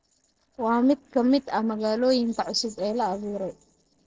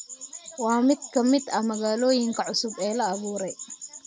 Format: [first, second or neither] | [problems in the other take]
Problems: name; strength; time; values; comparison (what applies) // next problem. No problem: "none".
second | noise reduction (neural separator model SepFormer DNS4)